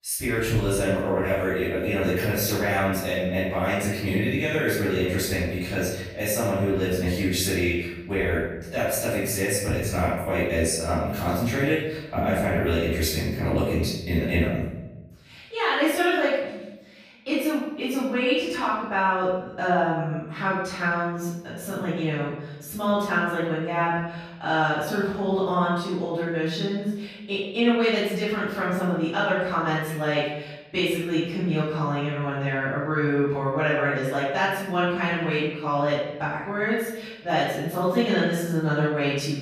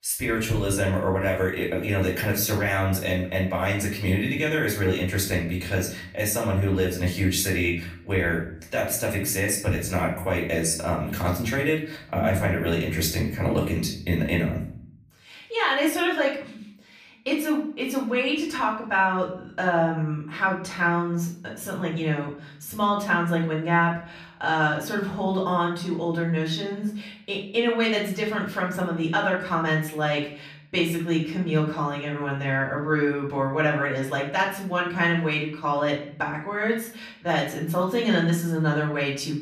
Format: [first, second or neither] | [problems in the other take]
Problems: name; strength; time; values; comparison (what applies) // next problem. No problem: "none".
second | room echo; strong; dies away in 0.9 s; slight in the second // off-mic speech; far; far in the second